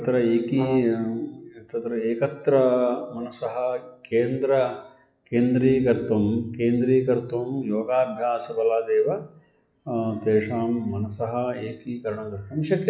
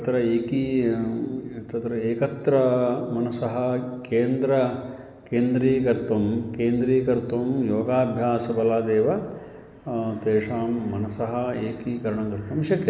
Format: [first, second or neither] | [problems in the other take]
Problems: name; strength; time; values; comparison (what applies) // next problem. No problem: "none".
second | noise reduction (classical method log-MMSE)